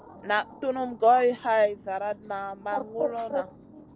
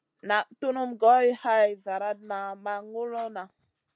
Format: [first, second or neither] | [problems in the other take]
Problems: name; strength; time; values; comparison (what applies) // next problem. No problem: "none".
second | background sound (Bird); 11 dB below the speech